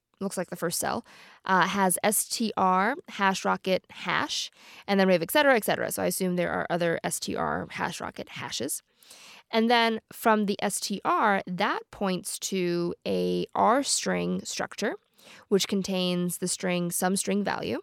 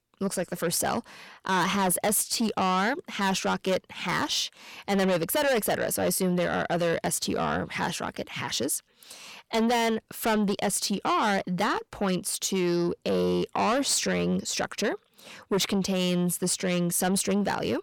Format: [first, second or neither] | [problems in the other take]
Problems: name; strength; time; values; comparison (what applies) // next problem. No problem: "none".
first | distortion; heavy; 7 dB below the speech